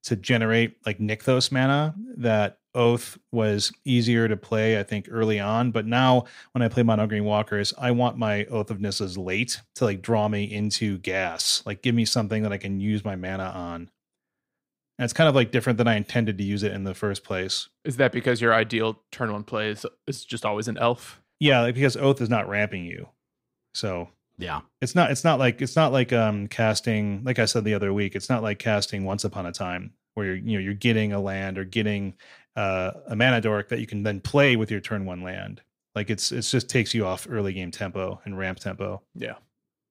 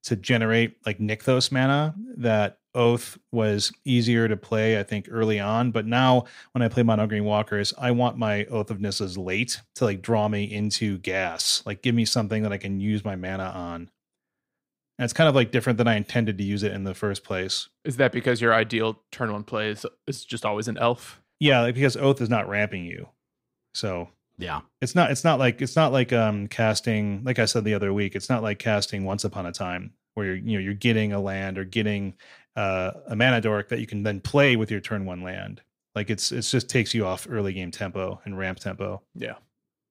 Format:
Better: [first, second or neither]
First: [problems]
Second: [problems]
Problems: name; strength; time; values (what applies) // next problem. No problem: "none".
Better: neither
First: none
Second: none